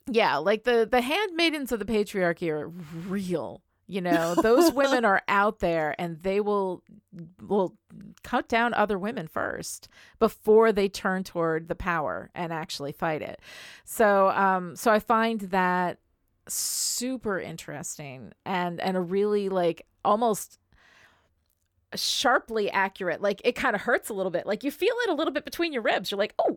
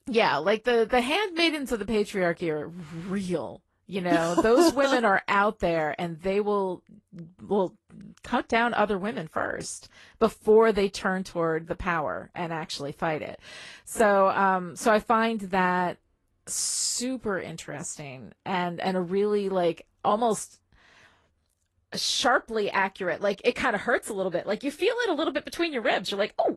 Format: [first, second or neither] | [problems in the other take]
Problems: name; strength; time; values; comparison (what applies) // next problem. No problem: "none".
first | garbled, watery; slightly; nothing above 11.5 kHz